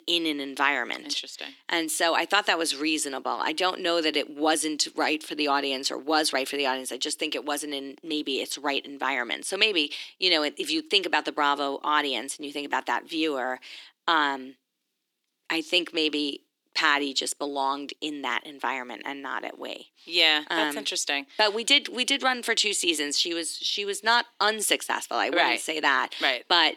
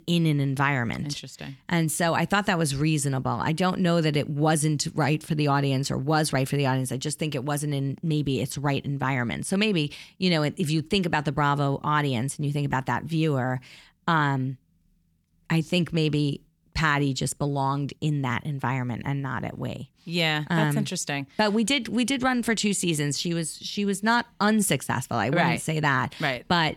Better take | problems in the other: second | thin; somewhat; fading below 300 Hz

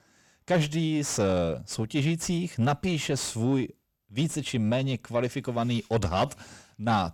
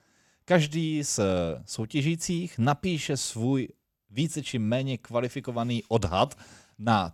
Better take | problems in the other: second | distortion; slight; 10 dB below the speech

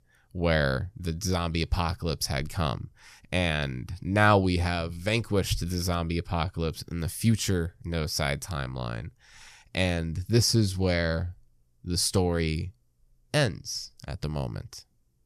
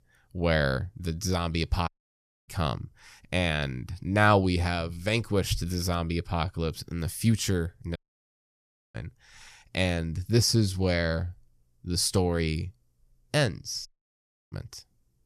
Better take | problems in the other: first | audio cutting out; at 2 s for 0.5 s, at 8 s for 1 s and at 14 s for 0.5 s

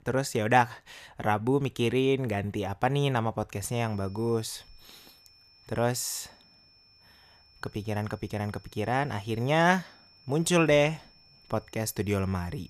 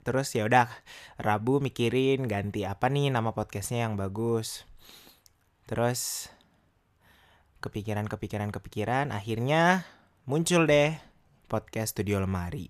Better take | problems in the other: second | high-pitched whine; faint; from 3.5 s on; 5.5 kHz, 30 dB below the speech

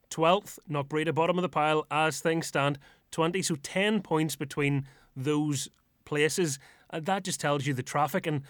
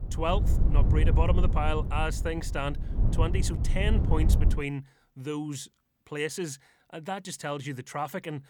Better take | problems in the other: first | wind noise on the microphone; heavy; until 4.5 s; 8 dB below the speech

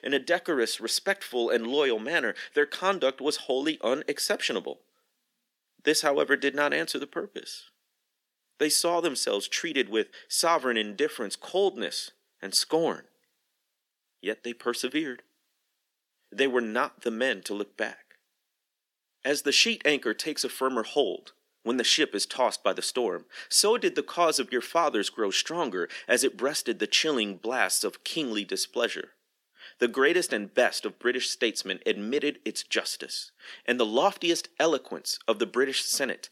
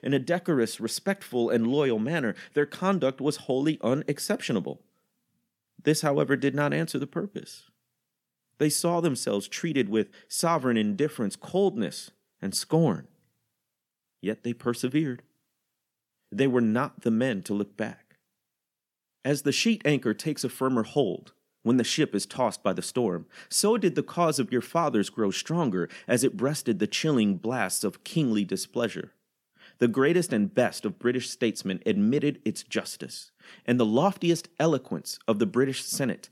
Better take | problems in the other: second | thin; somewhat; fading below 350 Hz

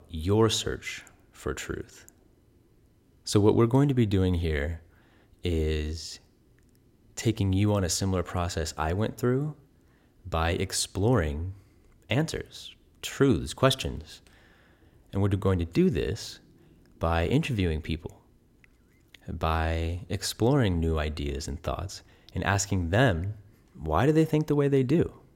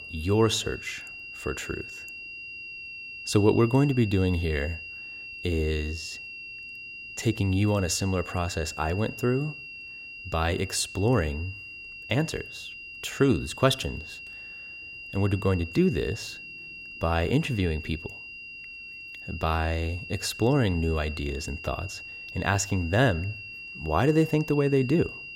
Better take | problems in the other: first | high-pitched whine; noticeable; throughout; 2.5 kHz, 10 dB below the speech

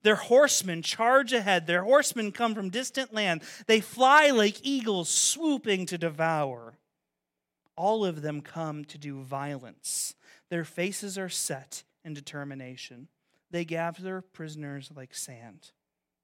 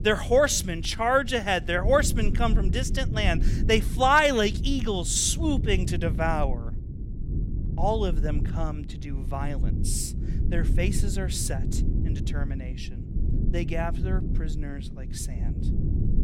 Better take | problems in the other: first | low rumble; noticeable; throughout; 15 dB below the speech

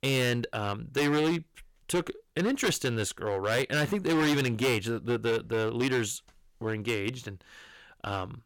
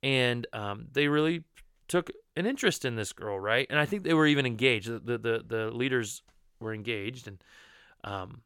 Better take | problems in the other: second | distortion; heavy; 11% of the sound clipped

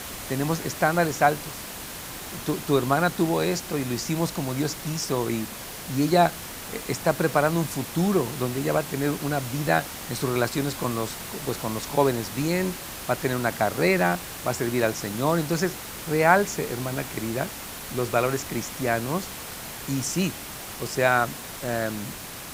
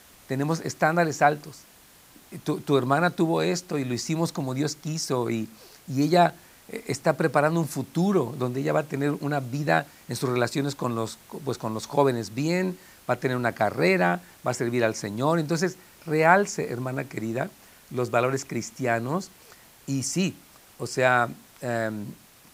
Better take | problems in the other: second | hiss; loud; throughout; 9 dB below the speech; faint in the second

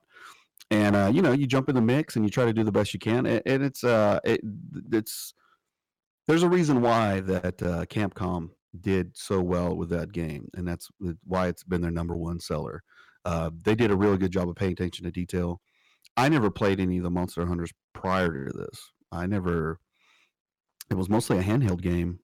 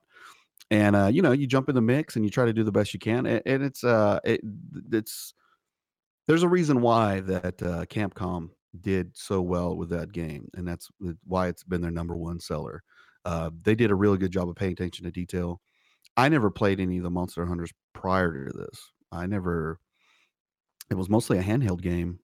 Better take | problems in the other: second | distortion; slight; 3% of the sound clipped

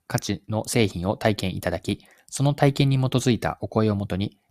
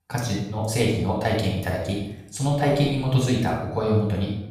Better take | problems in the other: first | room echo; noticeable; dies away in 0.6 s // off-mic speech; far

